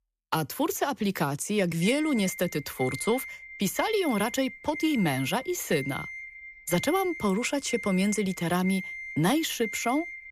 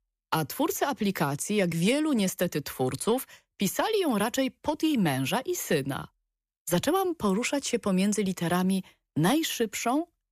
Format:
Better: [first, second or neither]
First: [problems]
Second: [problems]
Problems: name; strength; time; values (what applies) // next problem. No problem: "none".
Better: second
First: alarm; noticeable; from 2 s on; peak 7 dB below the speech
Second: none